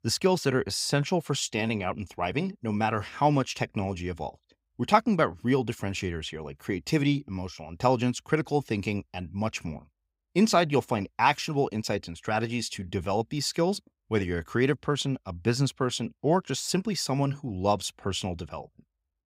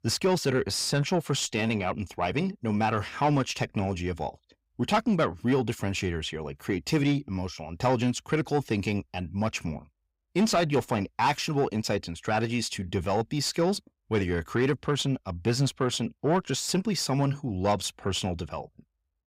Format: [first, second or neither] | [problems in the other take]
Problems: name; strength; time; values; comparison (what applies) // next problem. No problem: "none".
first | distortion; slight; 10 dB below the speech